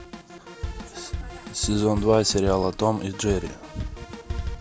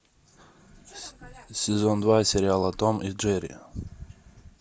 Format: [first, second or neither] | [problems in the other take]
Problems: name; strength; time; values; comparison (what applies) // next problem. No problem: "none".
second | background sound (Drum kit); 8 dB below the speech